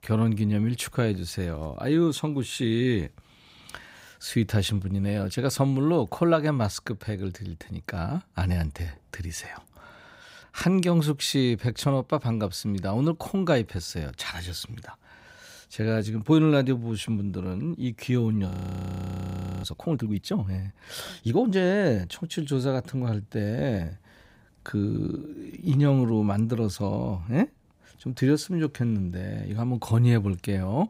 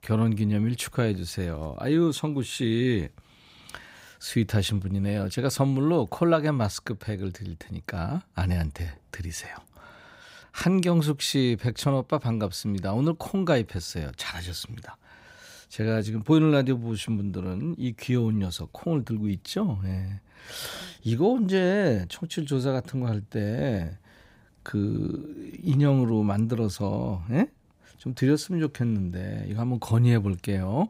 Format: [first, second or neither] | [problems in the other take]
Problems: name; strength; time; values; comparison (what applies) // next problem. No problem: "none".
second | audio freezing; at 18 s for 1 s